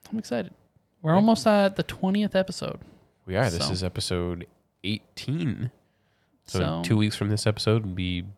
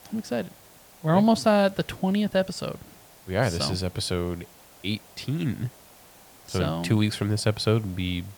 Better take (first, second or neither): first